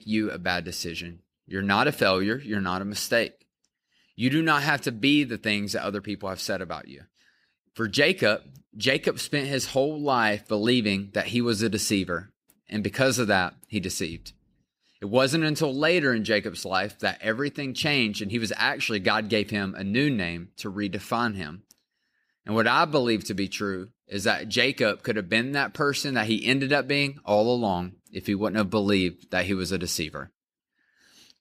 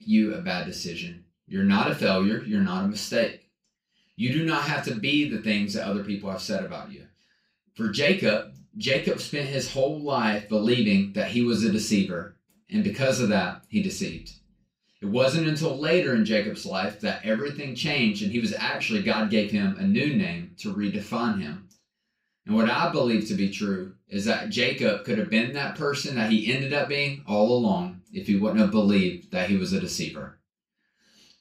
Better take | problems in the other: first | room echo; slight; dies away in 0.3 s // off-mic speech; far

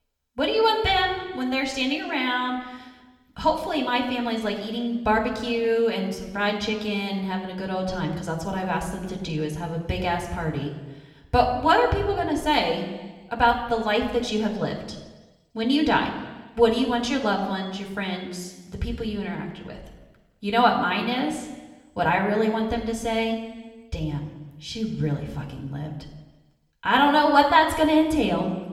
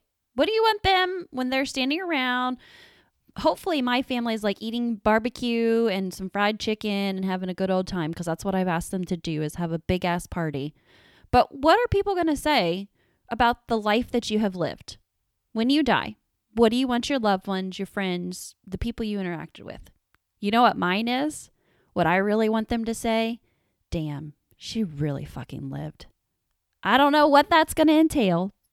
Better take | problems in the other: second | room echo; noticeable; dies away in 1.1 s // off-mic speech; somewhat distant

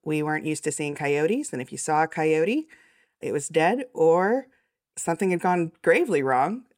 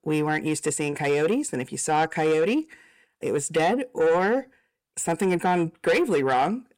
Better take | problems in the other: first | distortion; slight; 10 dB below the speech

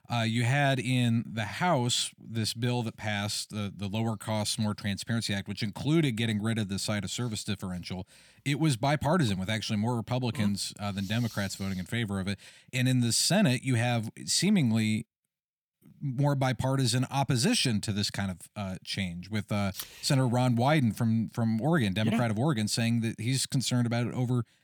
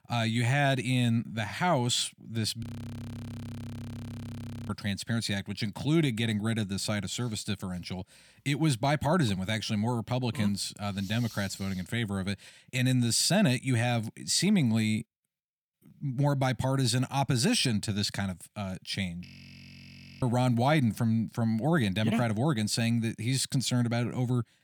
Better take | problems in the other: first | audio freezing; at 2.5 s for 2 s and at 19 s for 1 s

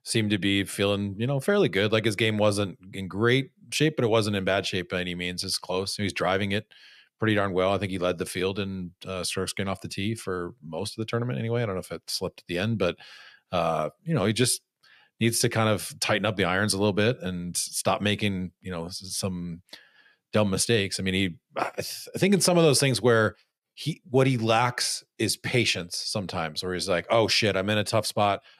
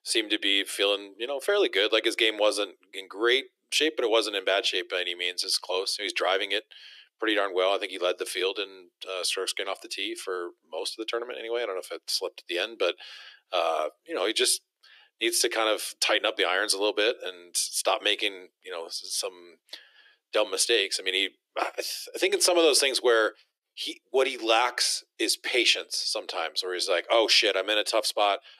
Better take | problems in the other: first | thin; very; fading below 350 Hz

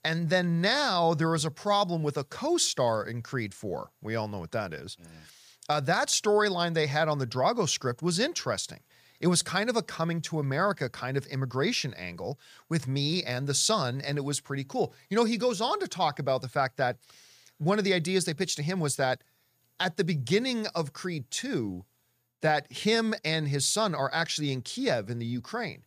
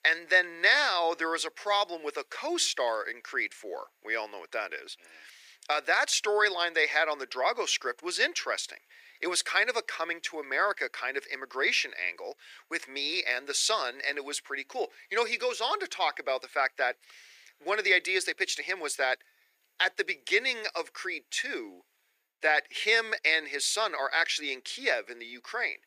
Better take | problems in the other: first | thin; very; fading below 350 Hz

